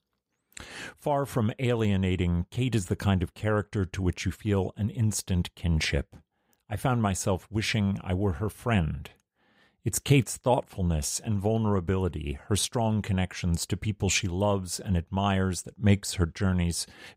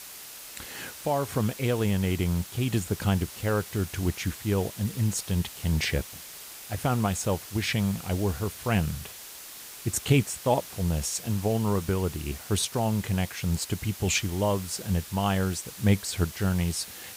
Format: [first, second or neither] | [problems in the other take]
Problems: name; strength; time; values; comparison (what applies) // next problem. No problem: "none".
first | hiss; noticeable; throughout; 10 dB below the speech